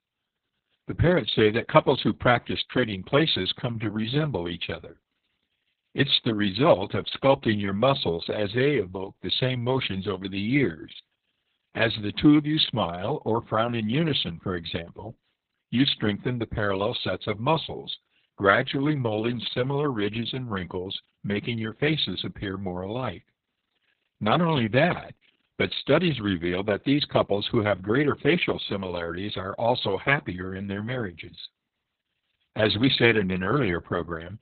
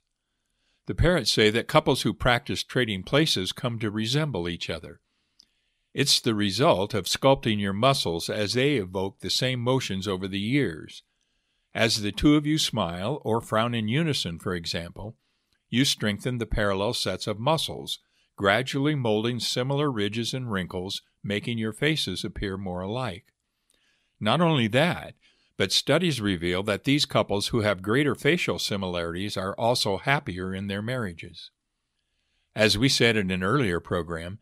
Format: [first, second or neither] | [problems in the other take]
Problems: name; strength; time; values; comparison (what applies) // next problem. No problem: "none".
second | garbled, watery; badly; nothing above 4 kHz